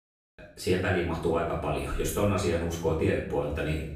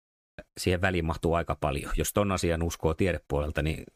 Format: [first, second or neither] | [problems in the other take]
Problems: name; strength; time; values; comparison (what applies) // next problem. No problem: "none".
second | off-mic speech; far // room echo; noticeable; dies away in 0.6 s